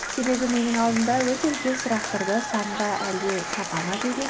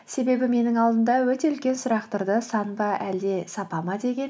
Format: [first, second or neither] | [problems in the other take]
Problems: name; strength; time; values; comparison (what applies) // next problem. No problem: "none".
second | background sound (Applause / Crowd); 5 dB below the speech